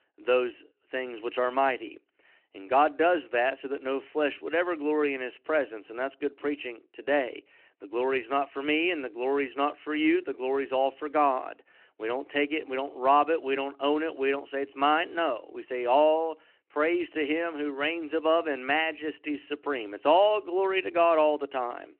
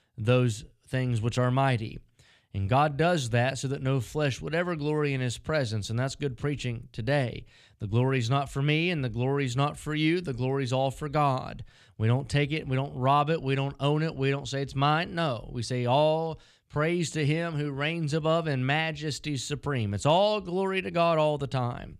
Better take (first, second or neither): second